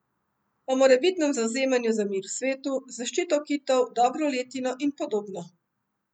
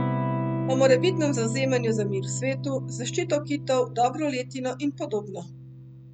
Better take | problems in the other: first | background sound (Electric guitar / Strum); 4 dB below the speech

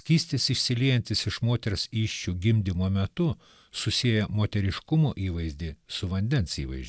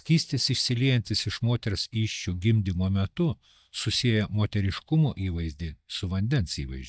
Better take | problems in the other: first | noise reduction (neural mask model DeepFilterNet 3)

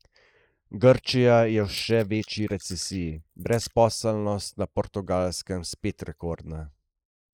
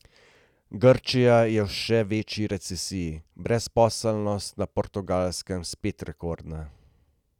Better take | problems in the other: second | noise reduction (neural mask model Resemble Enhance denoiser)

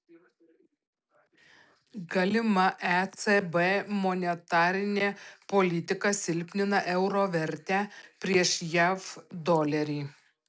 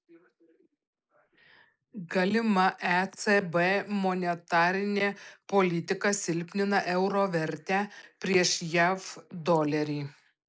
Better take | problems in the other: first | noise reduction (neural mask model Resemble Enhance denoiser)

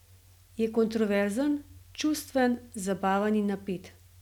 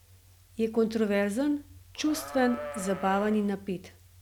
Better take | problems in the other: first | background sound (Livestock, farm animals, working animals); 11 dB below the speech

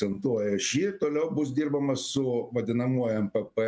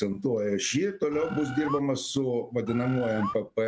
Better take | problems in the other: first | background sound (Bird); 9 dB below the speech

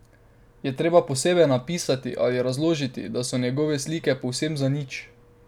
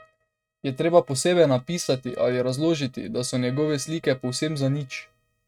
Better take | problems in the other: first | noise reduction (neural mask model RNNoise)

